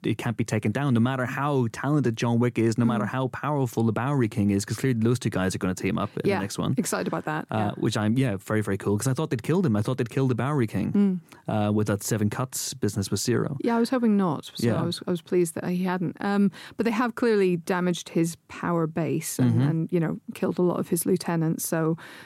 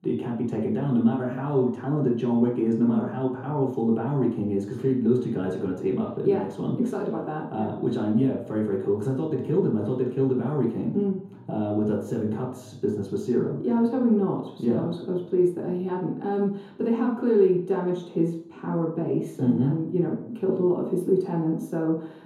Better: first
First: none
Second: room echo; noticeable; dies away in 1.6 s // off-mic speech; far

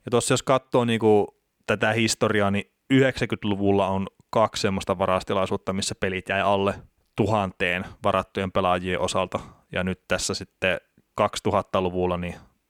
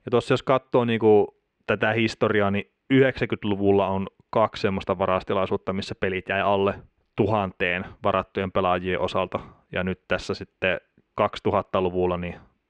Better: first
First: none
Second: muffled; slightly; fading above 2.5 kHz

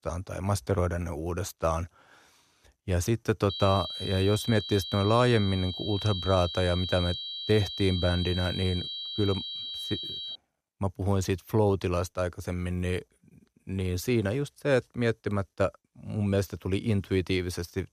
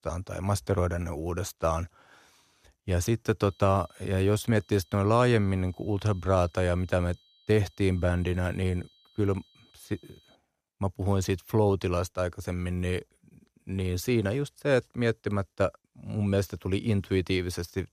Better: second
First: high-pitched whine; loud; from 3.5 to 10 s; 4 kHz, 6 dB below the speech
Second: high-pitched whine; faint; from 3.5 to 10 s; 4 kHz, 30 dB below the speech

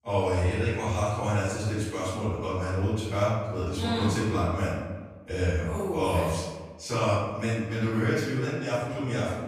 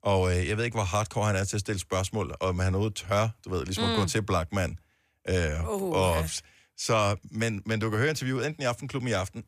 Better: second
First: off-mic speech; far // room echo; strong; dies away in 1.2 s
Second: none

